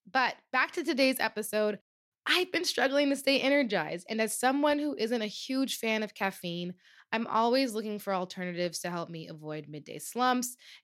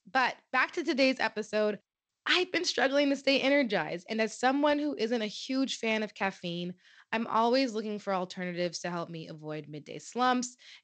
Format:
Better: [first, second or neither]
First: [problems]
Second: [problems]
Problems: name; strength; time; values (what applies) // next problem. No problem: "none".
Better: first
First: none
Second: garbled, watery; slightly; nothing above 7.5 kHz